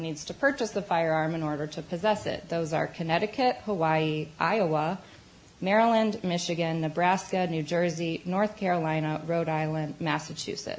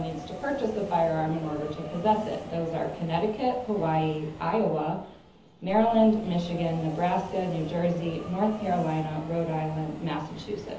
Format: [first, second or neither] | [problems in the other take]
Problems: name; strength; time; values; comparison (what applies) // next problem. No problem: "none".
first | background sound (Subway, metro, underground); 14 dB below the speech // room echo; dies away in 0.7 s